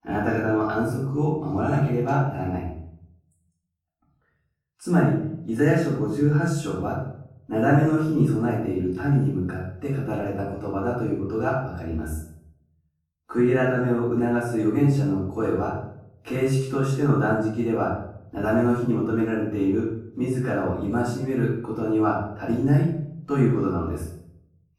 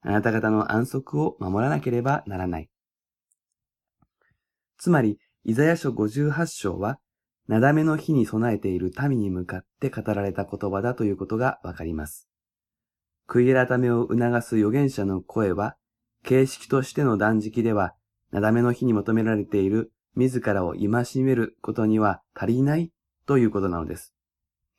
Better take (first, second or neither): second